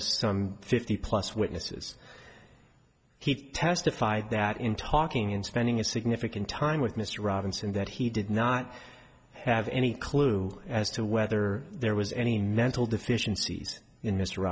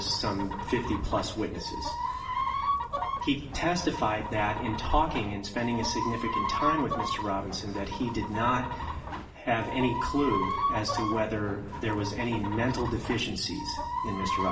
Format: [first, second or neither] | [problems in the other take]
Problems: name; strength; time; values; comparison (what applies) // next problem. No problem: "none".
first | background sound (Chicken, rooster); 3 dB below the speech // room echo; dies away in 0.7 s